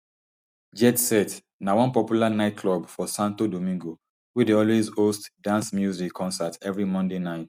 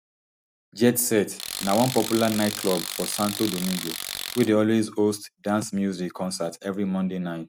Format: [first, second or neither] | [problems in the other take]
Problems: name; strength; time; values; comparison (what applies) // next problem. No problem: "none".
first | background sound (Tools); 8 dB below the speech